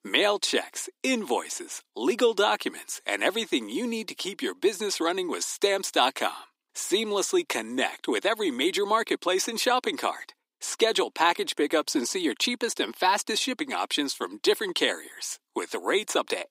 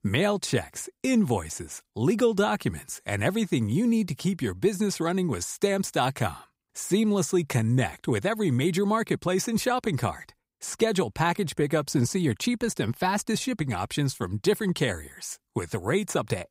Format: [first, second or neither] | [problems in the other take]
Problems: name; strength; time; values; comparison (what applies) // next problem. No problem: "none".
second | thin; somewhat; fading below 300 Hz